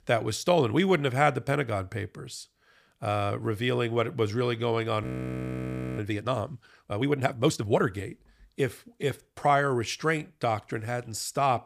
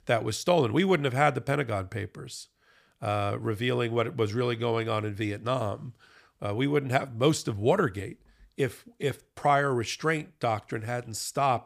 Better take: second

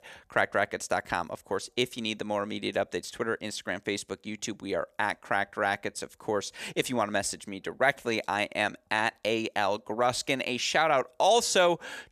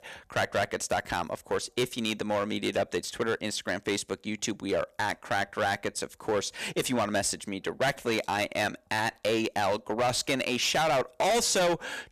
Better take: first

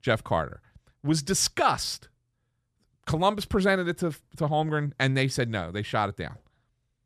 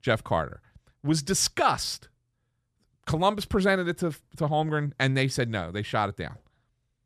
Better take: neither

